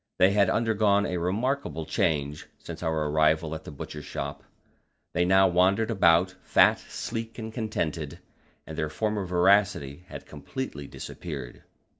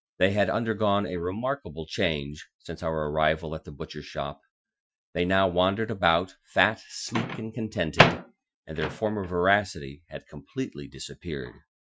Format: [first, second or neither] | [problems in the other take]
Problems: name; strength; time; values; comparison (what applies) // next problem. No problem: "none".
first | noise reduction (classical method Wiener filter)